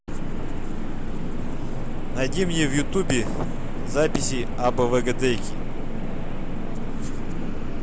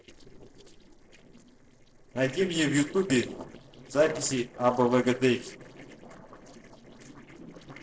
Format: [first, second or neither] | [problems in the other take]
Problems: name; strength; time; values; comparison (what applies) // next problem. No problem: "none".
first | noise reduction (neural separator model SepFormer DNS4)